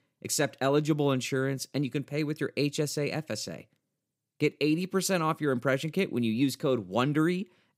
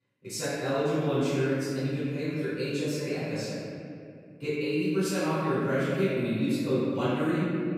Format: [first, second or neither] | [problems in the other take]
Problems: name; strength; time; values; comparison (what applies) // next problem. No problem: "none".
first | room echo; strong; dies away in 2.3 s // off-mic speech; far